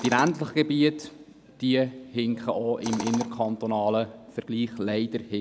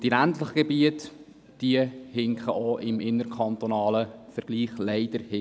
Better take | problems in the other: second | background sound (Tools); 16 dB below the speech

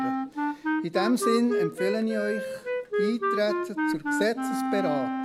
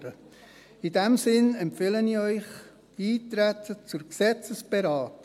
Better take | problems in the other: second | background sound (Wind instrument, woodwind instrument); as loud as the speech

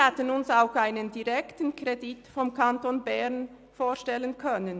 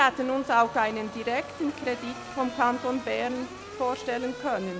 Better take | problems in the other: first | background sound (Race car, auto racing / Accelerating, revving, vroom + Engine starting); 13 dB below the speech

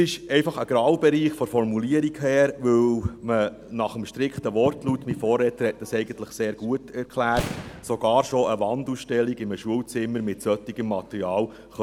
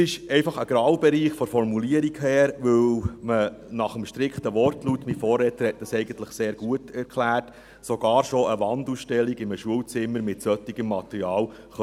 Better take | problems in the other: second | background sound (Boom); 12 dB below the speech

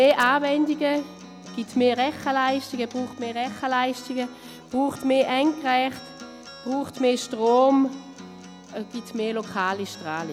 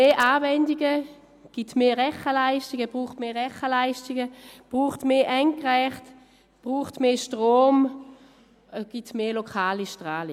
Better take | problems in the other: second | background sound (Acoustic guitar); 18 dB below the speech

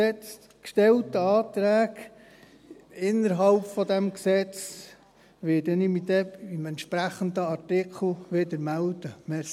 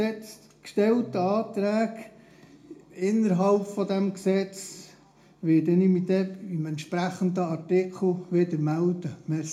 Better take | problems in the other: first | room echo; dies away in 0.3 s

